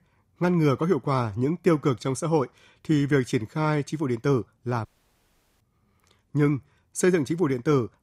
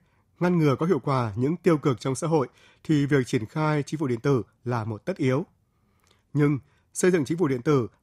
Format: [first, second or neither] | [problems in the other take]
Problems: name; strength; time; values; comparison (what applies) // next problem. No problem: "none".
second | audio cutting out; at 5 s for 1 s